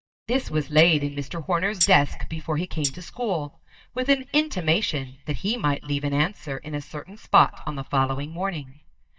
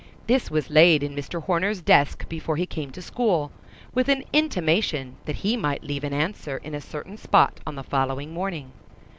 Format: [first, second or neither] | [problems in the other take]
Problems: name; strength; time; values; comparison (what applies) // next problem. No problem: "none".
second | noise reduction (neural mask model DeepFilterNet 3)